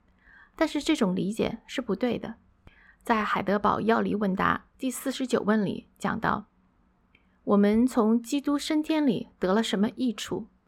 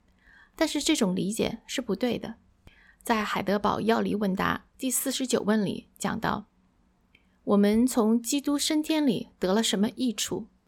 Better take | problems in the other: second | muffled; slightly; fading above 3.5 kHz

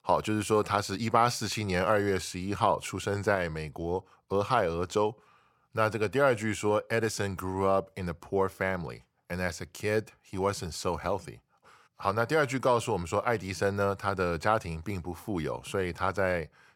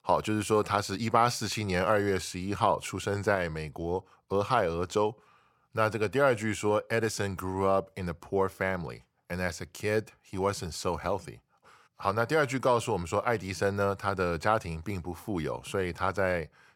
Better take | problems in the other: neither | none

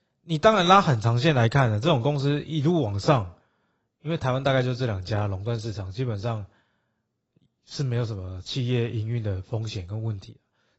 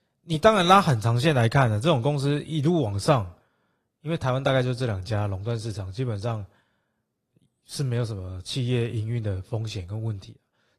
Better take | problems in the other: second | garbled, watery; badly; nothing above 8 kHz; slightly in the second

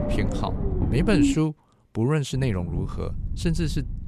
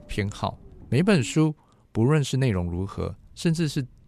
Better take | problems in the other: second | low rumble; loud; until 1.5 s and from 2.5 s on; 1 dB below the speech; faint in the second

